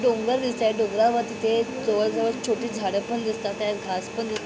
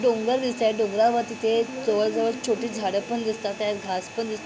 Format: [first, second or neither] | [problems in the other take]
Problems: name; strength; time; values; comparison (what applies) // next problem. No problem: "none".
second | background sound (Mechanical fan); 13 dB below the speech